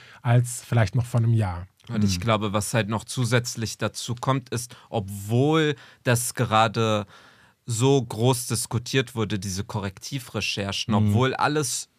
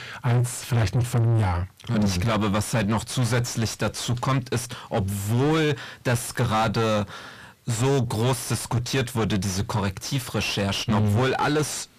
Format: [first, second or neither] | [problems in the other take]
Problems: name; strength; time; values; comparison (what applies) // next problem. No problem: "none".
first | distortion; heavy; 6 dB below the speech